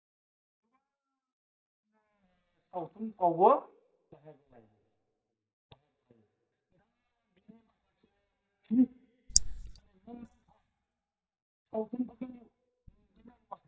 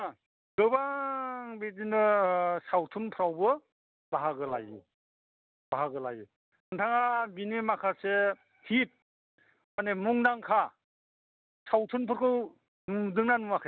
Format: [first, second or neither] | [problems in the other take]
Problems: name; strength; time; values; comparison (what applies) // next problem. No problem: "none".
second | noise reduction (neural mask model DeepFilterNet 3)